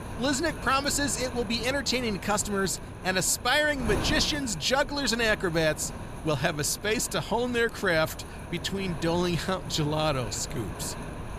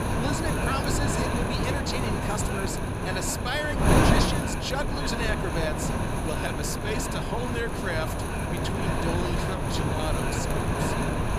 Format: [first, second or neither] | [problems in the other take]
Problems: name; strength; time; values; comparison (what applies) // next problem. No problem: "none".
first | wind noise on the microphone; heavy; 3 dB above the speech; occasional gusts in the first